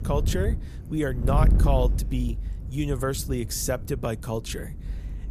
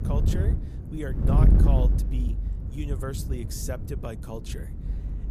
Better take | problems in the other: first | wind noise on the microphone; heavy; 2 dB below the speech; occasional gusts in the first

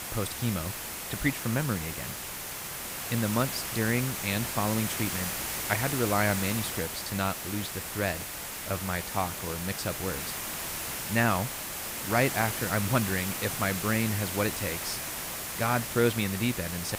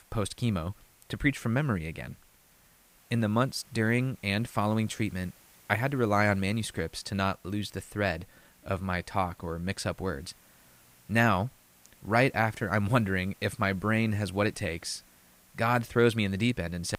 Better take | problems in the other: second | hiss; loud; throughout; 3 dB below the speech; faint in the second

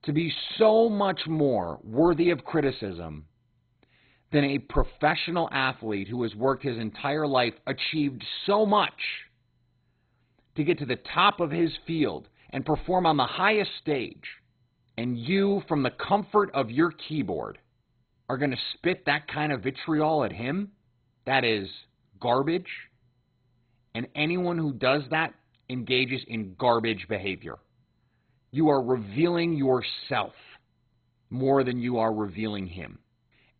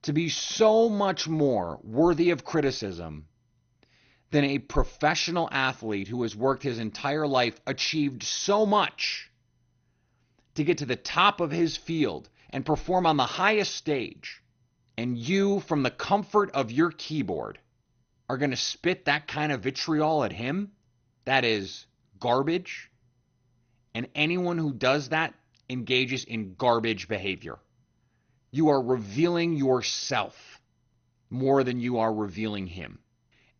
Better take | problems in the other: second | garbled, watery; badly; nothing above 4 kHz; slightly in the second

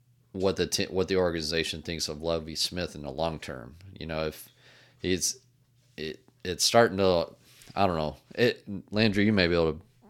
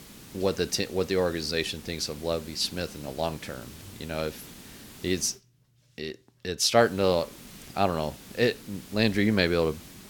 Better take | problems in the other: first | hiss; noticeable; until 5.5 s and from 7 s on; 20 dB below the speech

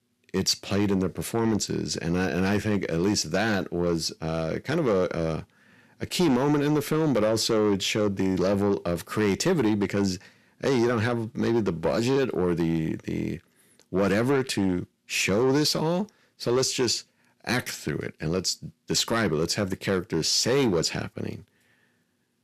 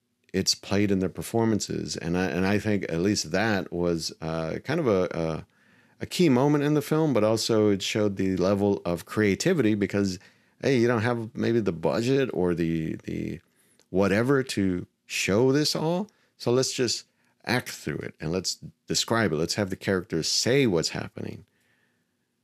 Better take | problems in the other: second | distortion; slight; 10 dB below the speech

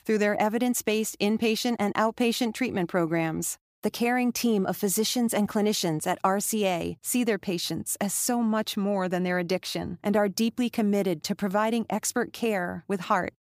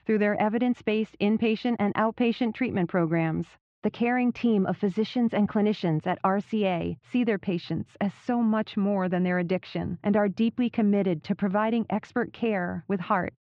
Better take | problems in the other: first | muffled; very; fading above 3 kHz

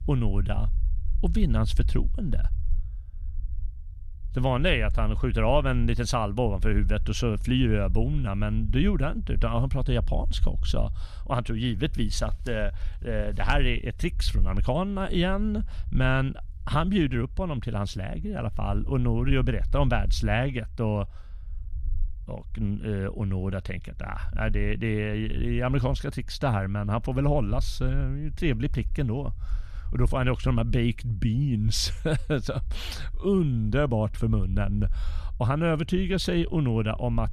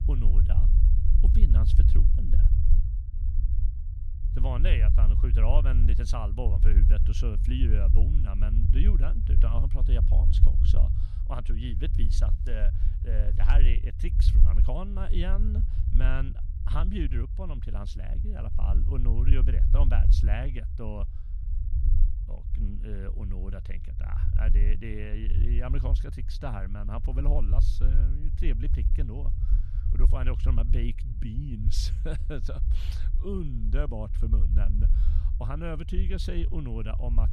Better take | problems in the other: first | low rumble; loud; throughout; 6 dB below the speech; faint in the first

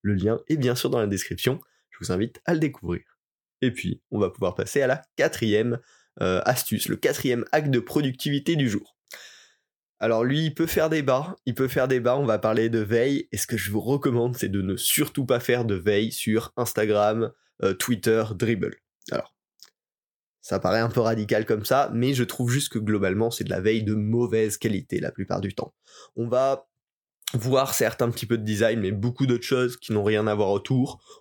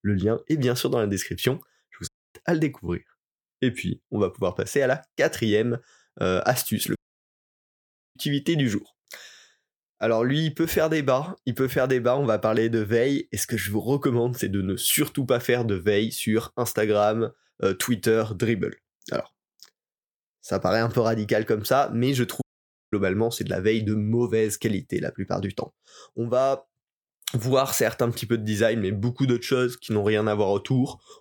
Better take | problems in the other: first | audio cutting out; at 2 s, at 7 s for 1 s and at 22 s for 0.5 s

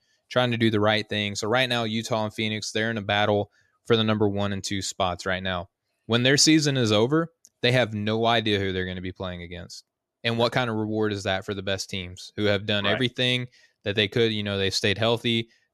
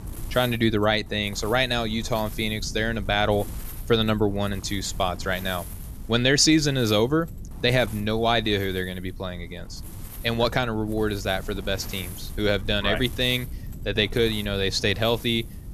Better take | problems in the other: first | wind noise on the microphone; occasional gusts; 20 dB below the speech

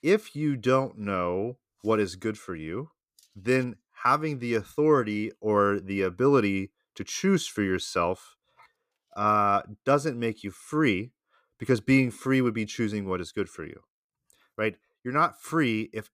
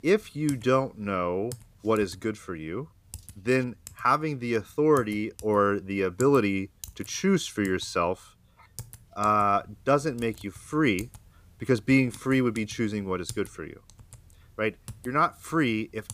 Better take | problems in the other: first | household noises; noticeable; throughout; 20 dB below the speech

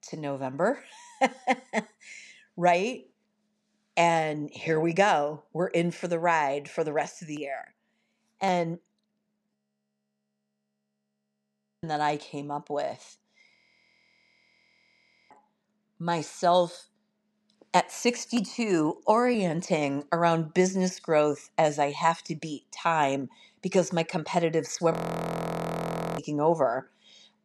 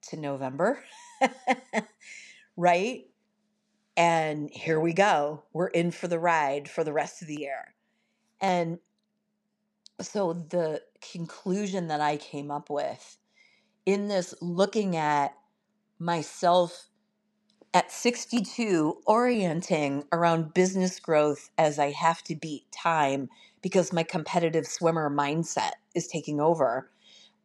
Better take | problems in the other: second | audio freezing; at 9.5 s for 2.5 s, at 14 s for 2 s and at 25 s for 1.5 s

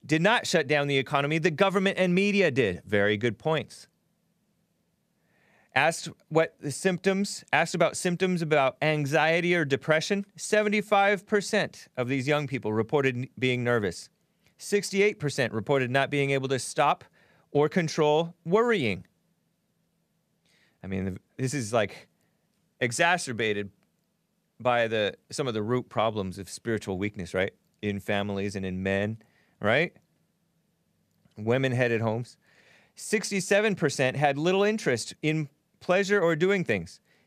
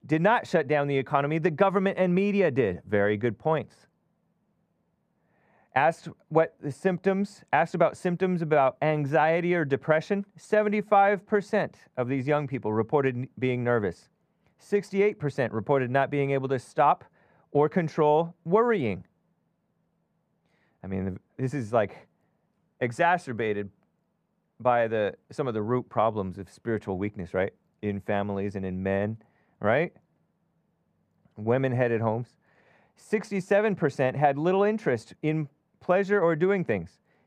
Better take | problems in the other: first | muffled; very; fading above 2.5 kHz

